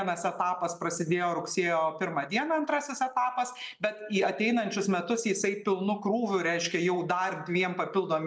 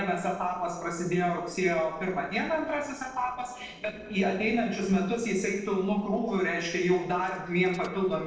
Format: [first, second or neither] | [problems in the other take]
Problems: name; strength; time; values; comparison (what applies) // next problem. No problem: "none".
first | noise reduction (neural separator model SepFormer DNS4)